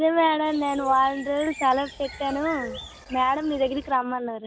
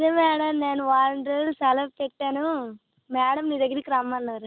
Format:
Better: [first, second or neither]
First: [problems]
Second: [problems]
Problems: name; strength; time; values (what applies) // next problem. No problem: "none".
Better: second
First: background sound (Bird); 15 dB below the speech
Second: none